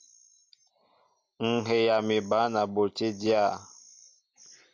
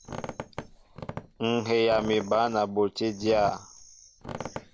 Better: first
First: none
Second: background sound (Squeak); 13 dB below the speech

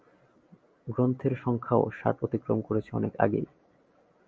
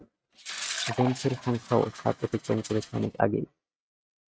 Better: first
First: none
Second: noise reduction (neural mask model RNNoise)

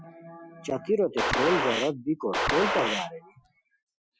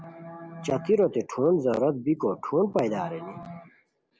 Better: second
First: noise reduction (classical method Wiener filter)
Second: none

